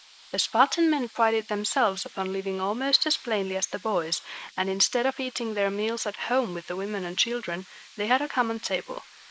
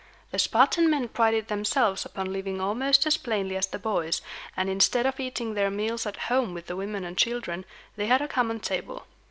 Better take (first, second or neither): second